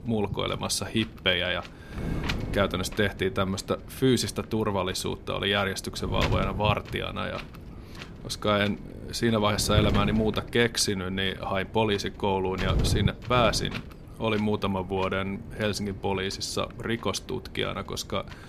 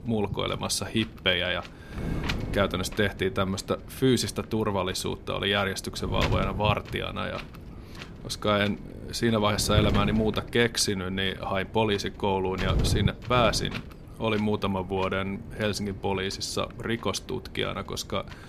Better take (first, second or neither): neither